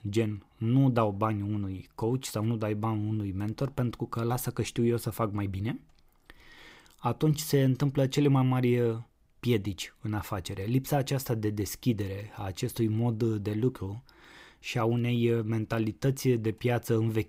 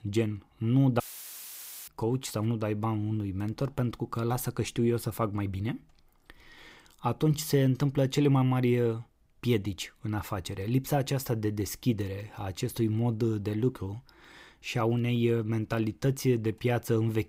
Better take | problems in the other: first | audio cutting out; filled with static; at 1 s for 1 s

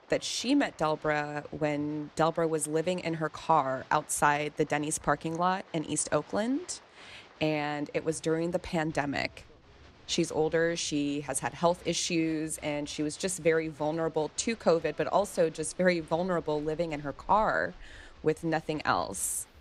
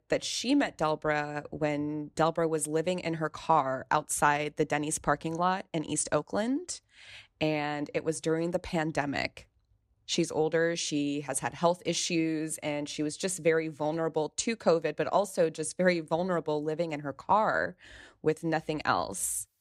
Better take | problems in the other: second | crowd noise; faint; throughout; 25 dB below the speech

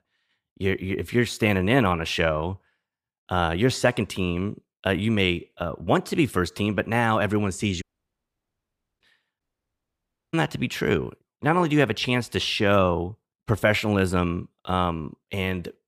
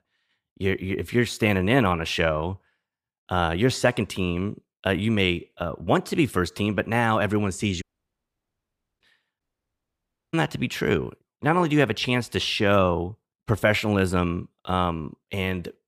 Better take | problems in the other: neither | audio cutting out; at 8 s for 1 s and at 9.5 s for 1 s; the same in both

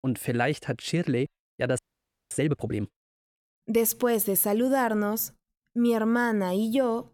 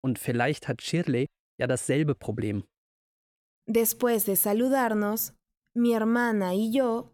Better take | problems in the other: second | audio freezing; at 2 s for 0.5 s

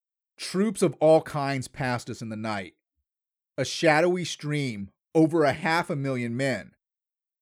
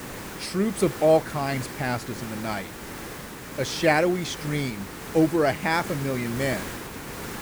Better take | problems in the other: first | hiss; noticeable; throughout; 10 dB below the speech

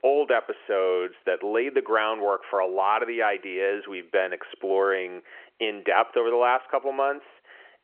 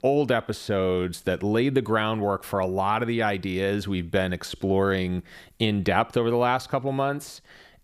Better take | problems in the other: second | phone-call audio

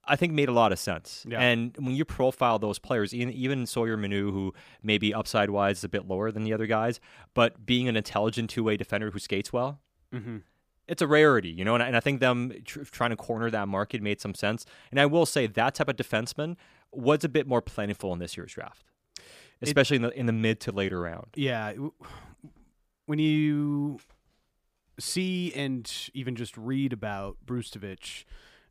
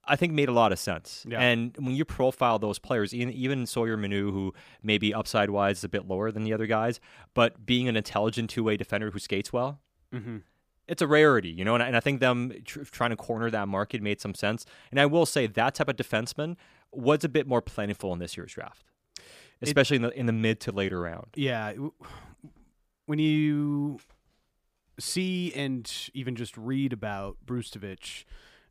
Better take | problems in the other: neither | none

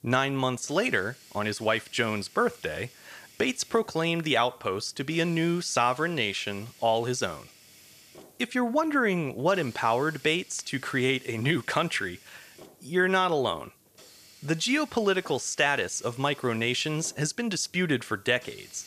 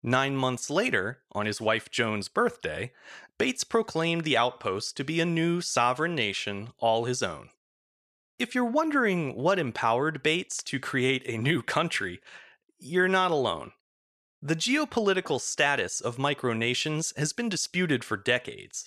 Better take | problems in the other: second | hiss; faint; throughout; 25 dB below the speech

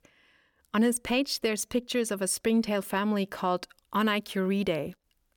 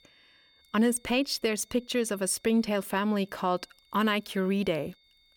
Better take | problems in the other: first | high-pitched whine; faint; throughout; 3.5 kHz, 35 dB below the speech

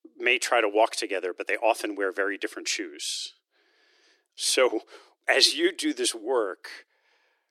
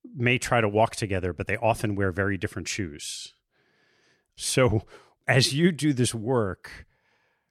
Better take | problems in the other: second | thin; very; fading below 300 Hz

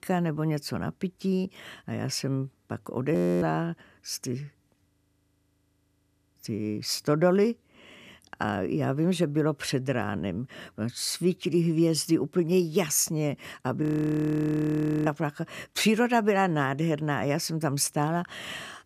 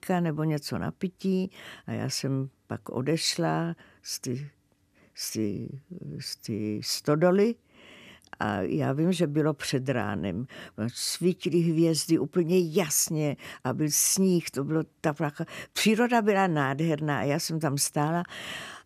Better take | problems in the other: second | audio freezing; at 3 s, at 5 s for 1.5 s and at 14 s for 1 s

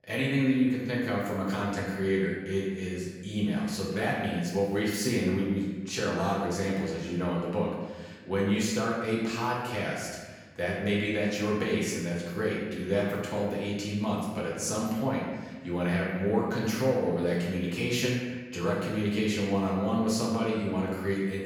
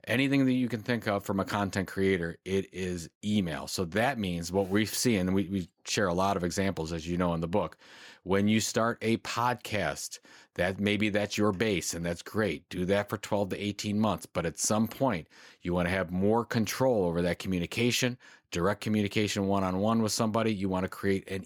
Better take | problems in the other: second | room echo; noticeable; dies away in 1.2 s // off-mic speech; far

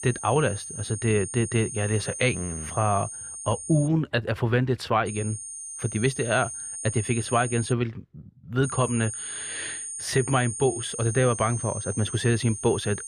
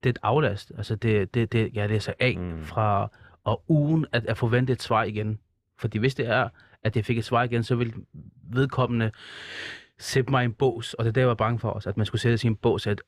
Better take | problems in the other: second | high-pitched whine; loud; until 4 s, from 5 to 7.5 s and from 8.5 s on; 9 kHz, 7 dB below the speech

